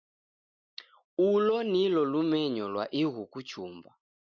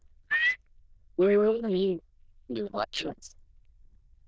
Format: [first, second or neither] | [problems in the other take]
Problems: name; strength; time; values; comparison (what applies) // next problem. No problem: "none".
first | noise reduction (neural diffusion model UNIVERSE++)